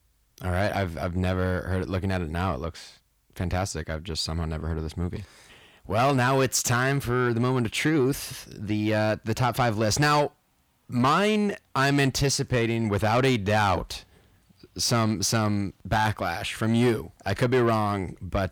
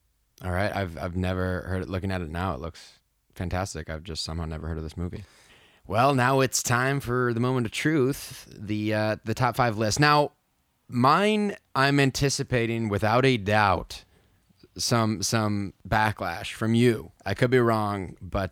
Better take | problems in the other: second | distortion; slight; 10 dB below the speech

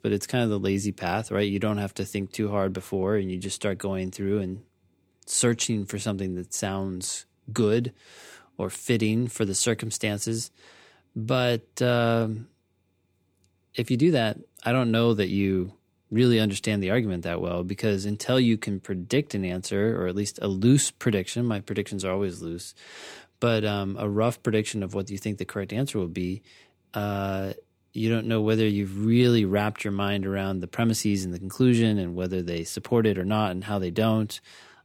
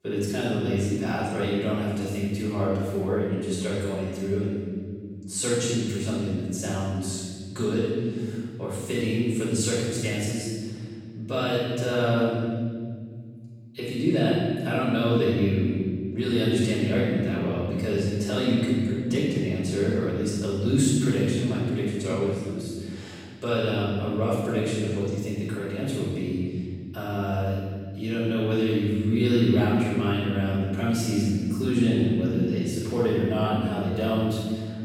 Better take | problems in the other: first | room echo; strong; dies away in 2.1 s // off-mic speech; far

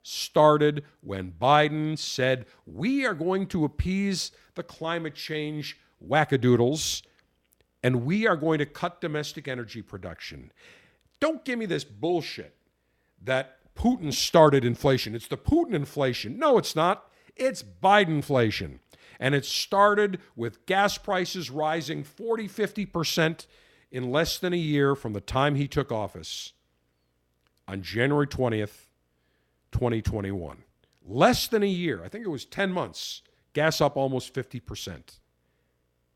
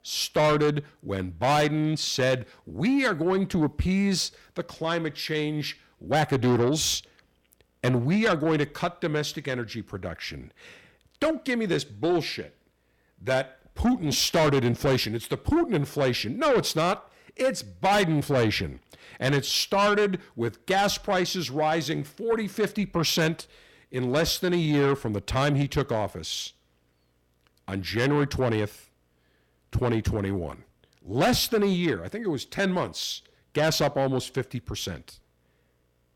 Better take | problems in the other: first | distortion; heavy; 7 dB below the speech

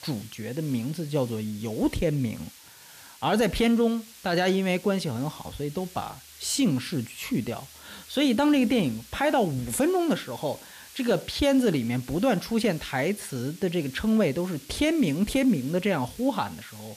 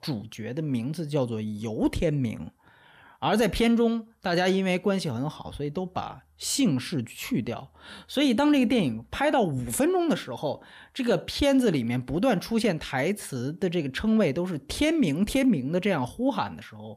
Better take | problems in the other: second | hiss; noticeable; throughout; 20 dB below the speech

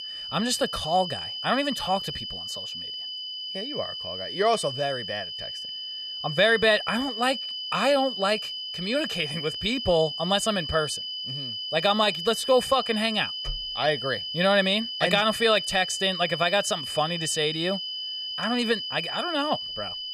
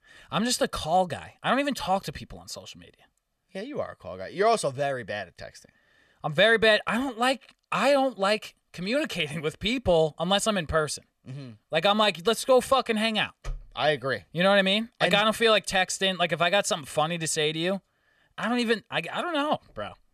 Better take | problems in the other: second | high-pitched whine; loud; throughout; 3 kHz, 6 dB below the speech

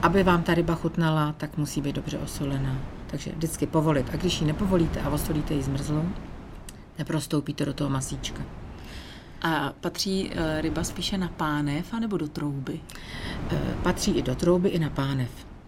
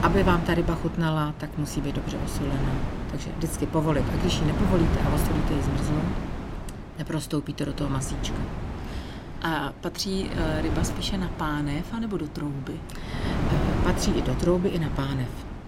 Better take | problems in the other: first | wind noise on the microphone; heavy; 5 dB below the speech; occasional gusts in the first

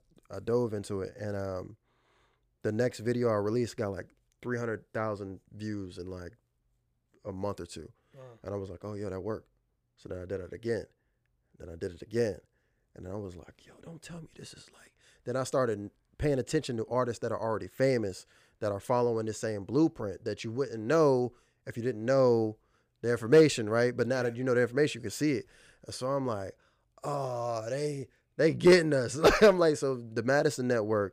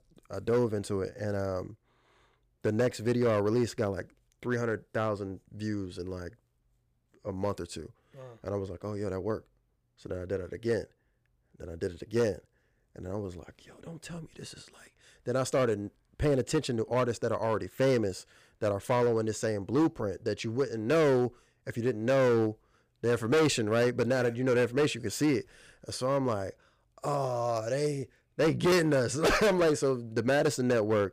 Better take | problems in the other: first | distortion; heavy; 6% of the sound clipped

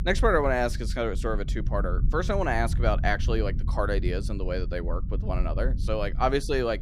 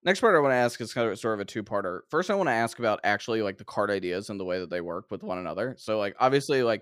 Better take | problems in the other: second | low rumble; noticeable; throughout; 20 dB below the speech

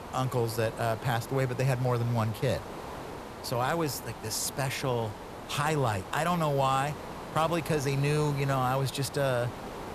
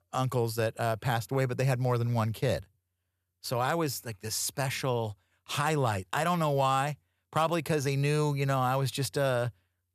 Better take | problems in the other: second | hiss; noticeable; throughout; 10 dB below the speech

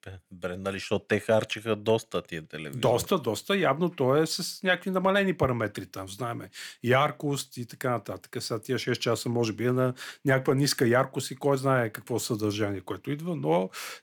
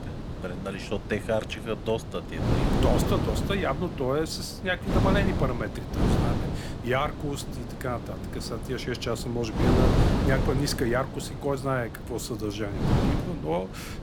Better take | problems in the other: first | wind noise on the microphone; heavy; 4 dB below the speech

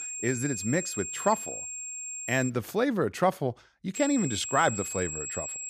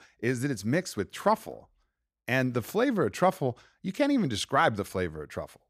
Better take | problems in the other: second | high-pitched whine; loud; until 2.5 s and from 4 s on; 7.5 kHz, 5 dB below the speech

